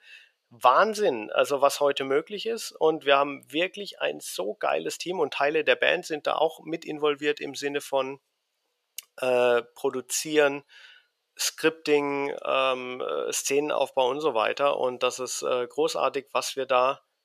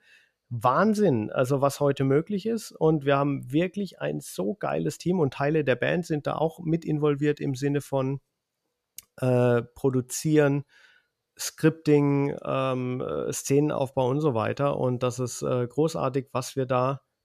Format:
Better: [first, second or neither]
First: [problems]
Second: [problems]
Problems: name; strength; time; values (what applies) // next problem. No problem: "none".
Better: second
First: thin; very; fading below 600 Hz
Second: none